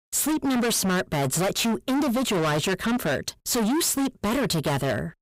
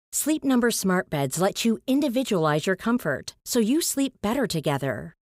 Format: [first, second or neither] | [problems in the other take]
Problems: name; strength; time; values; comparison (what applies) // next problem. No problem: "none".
second | distortion; heavy; 36% of the sound clipped